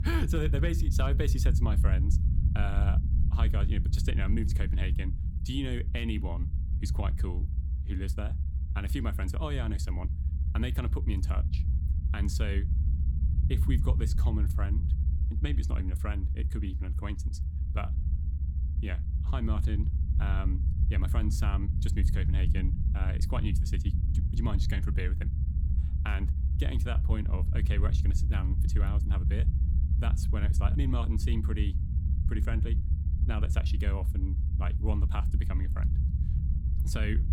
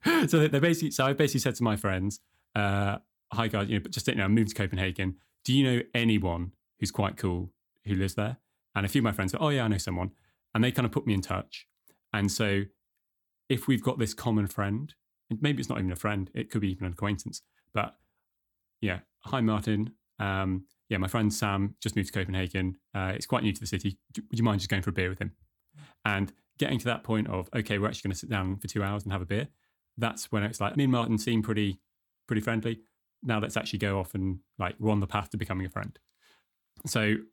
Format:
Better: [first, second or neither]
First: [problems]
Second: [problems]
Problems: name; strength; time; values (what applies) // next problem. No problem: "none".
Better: second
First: low rumble; loud; throughout; 6 dB below the speech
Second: none